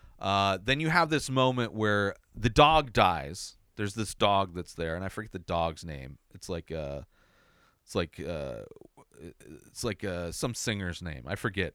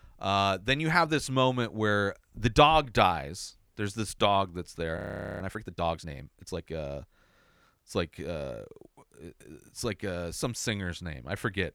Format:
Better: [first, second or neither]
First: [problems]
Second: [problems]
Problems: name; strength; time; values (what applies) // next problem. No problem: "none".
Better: first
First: none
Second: audio freezing; at 5 s